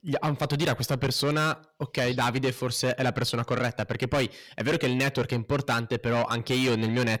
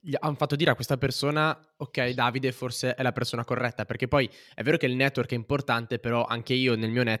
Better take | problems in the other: second | distortion; heavy; 7 dB below the speech

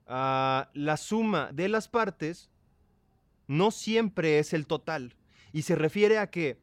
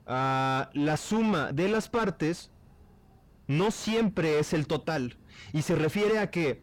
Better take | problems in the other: first | distortion; heavy; 6 dB below the speech

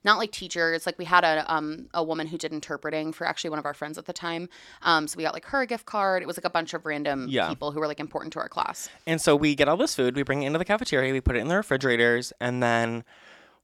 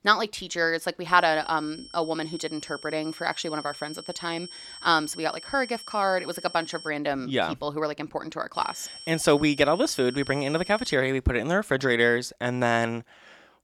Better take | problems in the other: first | high-pitched whine; noticeable; from 1 to 7 s and from 8.5 to 11 s; 5.5 kHz, 15 dB below the speech

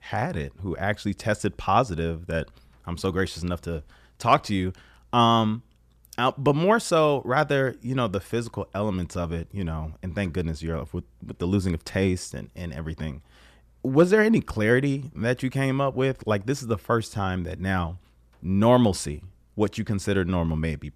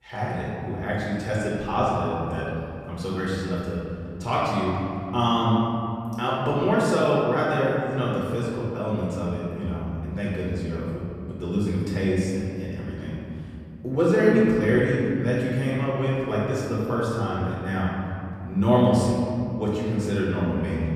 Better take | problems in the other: first | room echo; strong; dies away in 2.6 s // off-mic speech; far

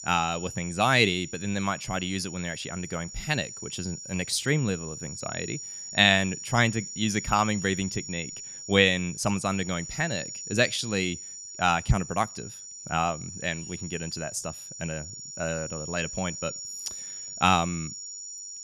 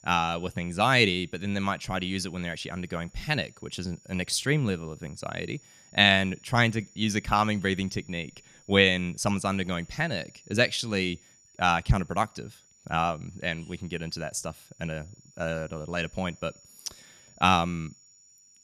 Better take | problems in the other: second | high-pitched whine; loud; throughout; 7 kHz, 10 dB below the speech; faint in the second

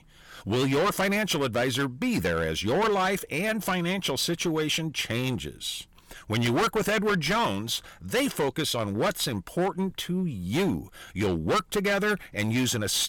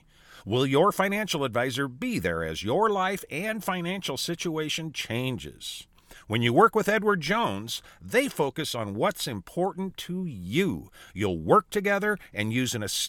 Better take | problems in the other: second | distortion; heavy; 13% of the sound clipped

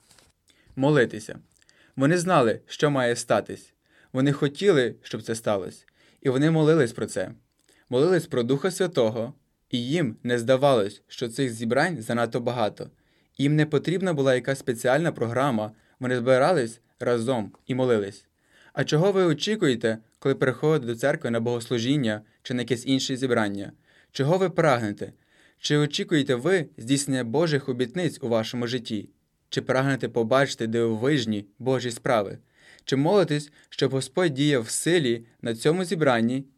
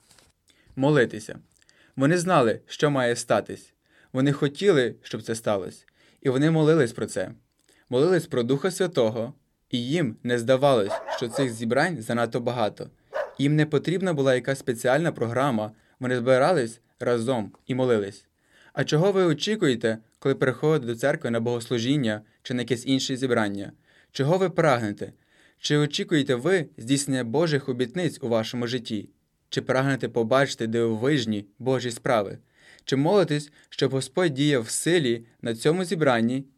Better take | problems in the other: first | dog barking; noticeable; from 11 to 13 s; peak 7 dB below the speech

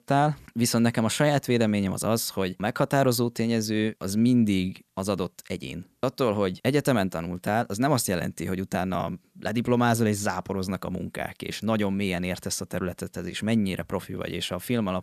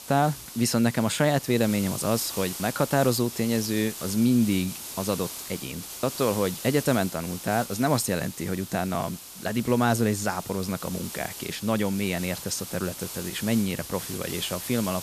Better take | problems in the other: first | hiss; loud; throughout; 9 dB below the speech

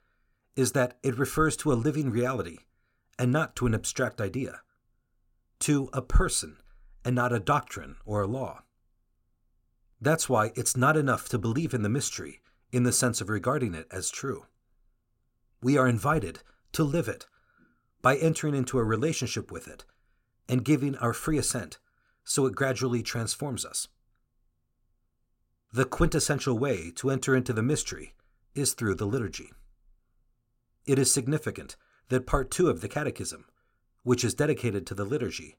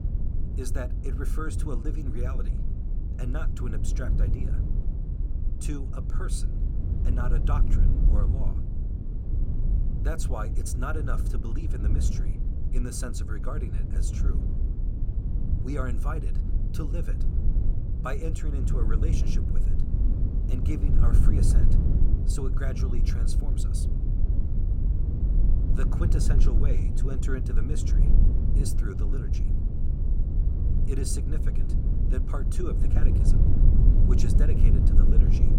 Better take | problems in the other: first | low rumble; loud; throughout; 2 dB below the speech

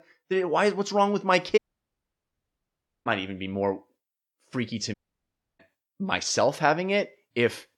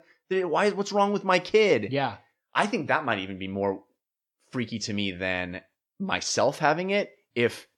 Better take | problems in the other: second | audio cutting out; at 1.5 s for 1.5 s and at 5 s for 0.5 s

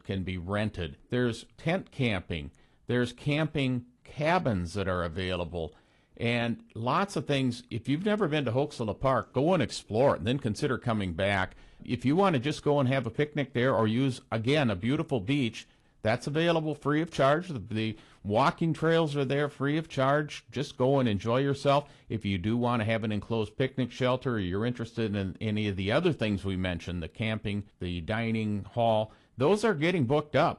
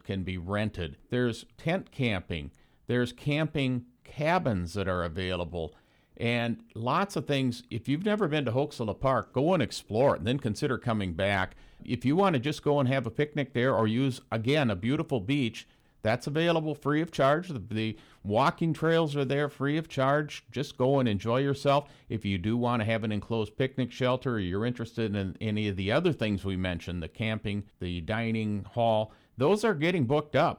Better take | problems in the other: second | garbled, watery; slightly

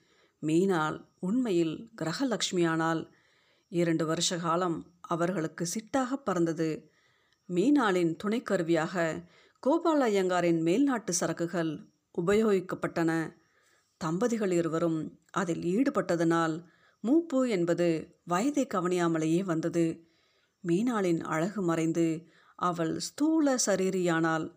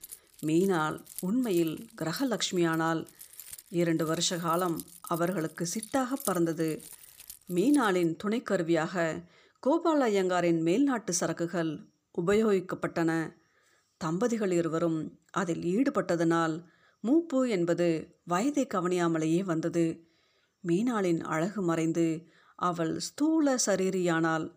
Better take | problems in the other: first | jangling keys; noticeable; until 8 s; peak 9 dB below the speech

